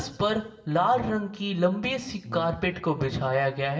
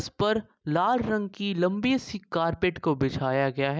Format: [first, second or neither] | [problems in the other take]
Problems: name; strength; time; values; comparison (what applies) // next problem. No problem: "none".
second | background sound (Brass instrument); 16 dB below the speech // room echo; dies away in 0.8 s